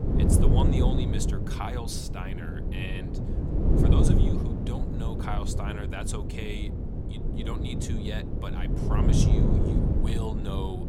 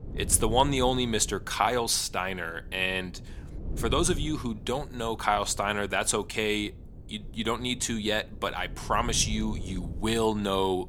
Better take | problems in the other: second | wind noise on the microphone; heavy; 1 dB above the speech; occasional gusts in the second

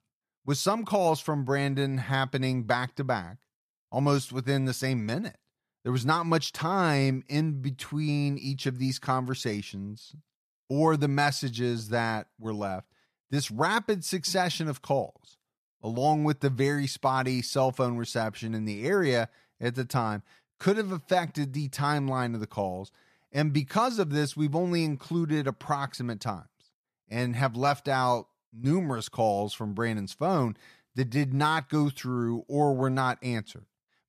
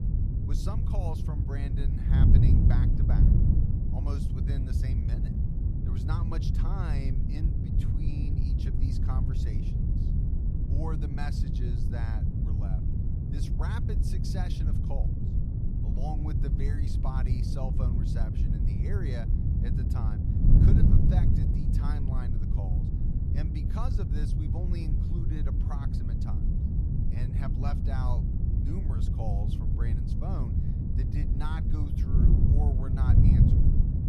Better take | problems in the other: first | wind noise on the microphone; heavy; 3 dB above the speech

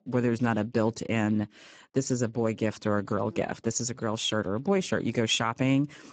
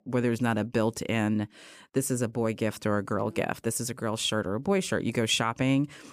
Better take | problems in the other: second | garbled, watery; badly; nothing above 7.5 kHz

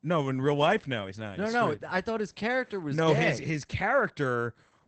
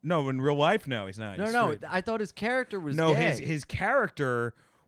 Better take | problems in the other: second | garbled, watery; badly; nothing above 8 kHz; slightly in the second

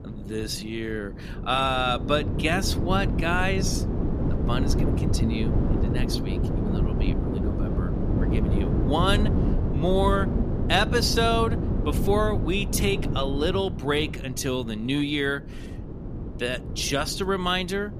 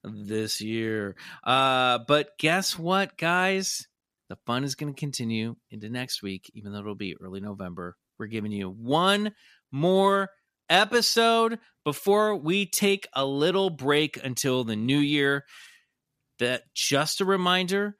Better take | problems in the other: second | wind noise on the microphone; heavy; 8 dB below the speech

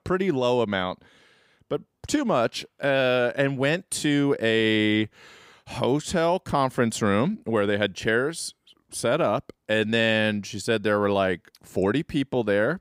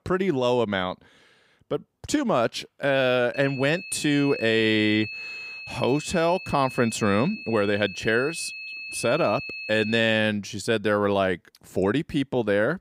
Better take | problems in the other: first | high-pitched whine; noticeable; from 3.5 to 10 s; 2.5 kHz, 10 dB below the speech

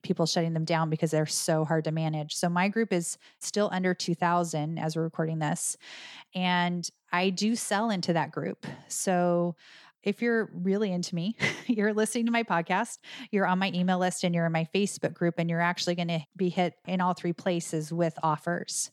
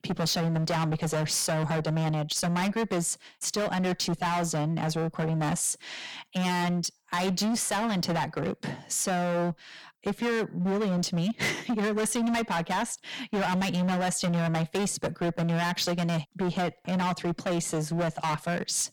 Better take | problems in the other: first | distortion; heavy; 27% of the sound clipped

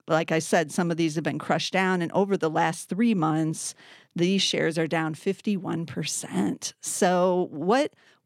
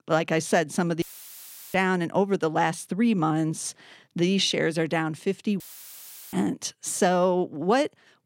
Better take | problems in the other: first | audio cutting out; filled with static; at 1 s for 0.5 s and at 5.5 s for 0.5 s

